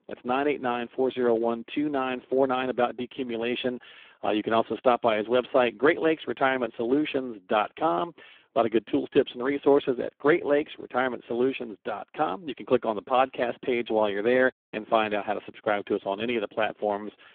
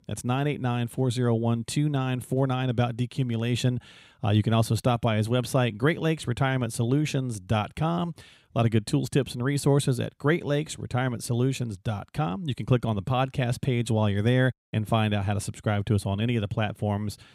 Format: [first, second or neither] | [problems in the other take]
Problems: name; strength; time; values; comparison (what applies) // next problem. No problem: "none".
second | phone-call audio; poor line; nothing above 3.5 kHz